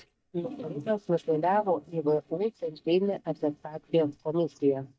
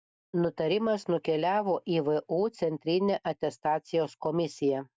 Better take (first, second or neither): second